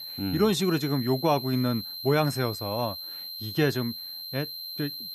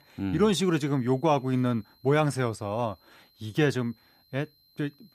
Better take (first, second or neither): second